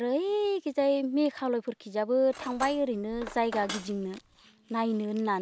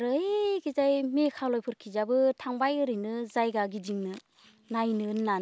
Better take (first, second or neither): second